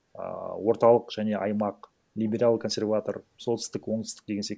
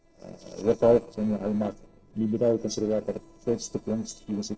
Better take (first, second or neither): first